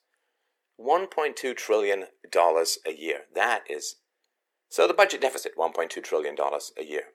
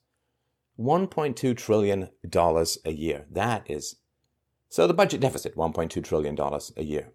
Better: second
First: thin; very; fading below 400 Hz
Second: none

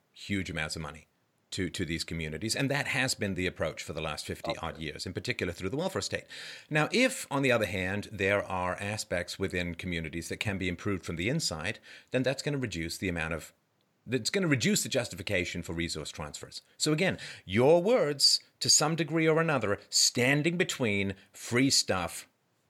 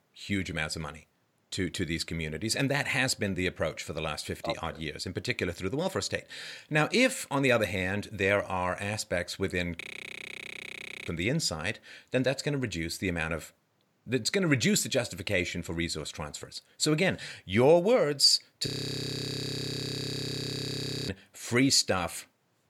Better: first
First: none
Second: audio freezing; at 10 s for 1.5 s and at 19 s for 2.5 s

